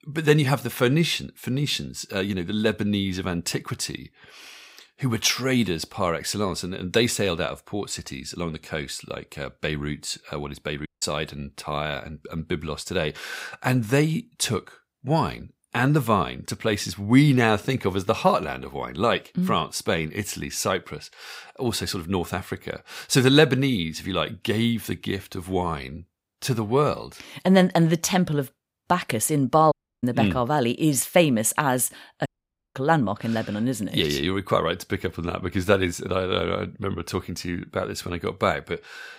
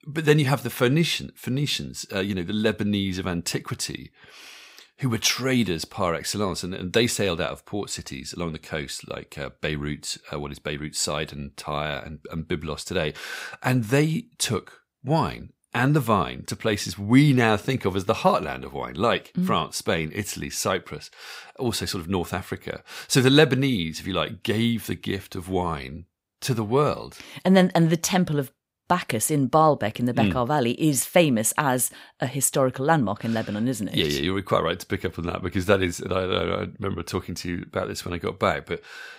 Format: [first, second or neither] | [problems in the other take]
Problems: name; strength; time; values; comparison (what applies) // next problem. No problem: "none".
second | audio cutting out; at 11 s, at 30 s and at 32 s